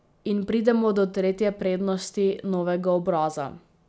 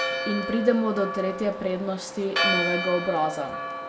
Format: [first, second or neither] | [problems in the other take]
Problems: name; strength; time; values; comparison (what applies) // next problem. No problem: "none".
first | background sound (Church bell); 3 dB below the speech // room echo; dies away in 0.6 s